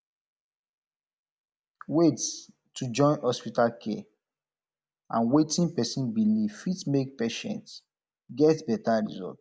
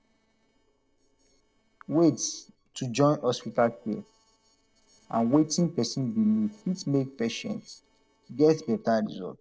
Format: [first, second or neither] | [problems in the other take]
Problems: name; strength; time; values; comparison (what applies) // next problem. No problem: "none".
first | noise reduction (neural separator model SepFormer DNS4)